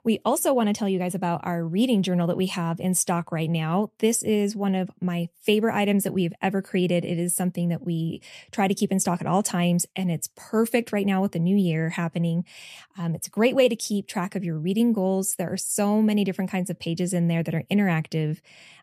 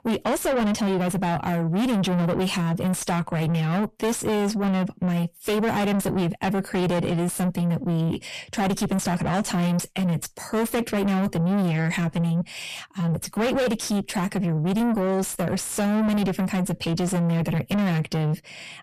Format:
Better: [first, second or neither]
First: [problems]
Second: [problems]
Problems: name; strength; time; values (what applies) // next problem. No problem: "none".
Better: first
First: none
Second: distortion; heavy; 5 dB below the speech